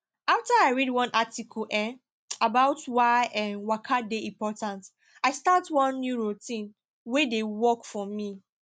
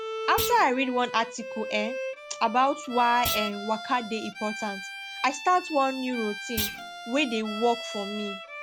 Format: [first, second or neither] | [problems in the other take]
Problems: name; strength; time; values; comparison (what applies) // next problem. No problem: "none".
first | background sound (Thump, thud + Bowed string instrument); 7 dB below the speech